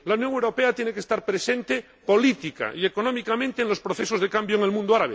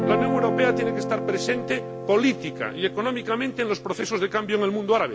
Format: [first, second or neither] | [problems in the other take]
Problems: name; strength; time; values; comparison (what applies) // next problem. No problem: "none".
first | background sound (Guitar); 5 dB below the speech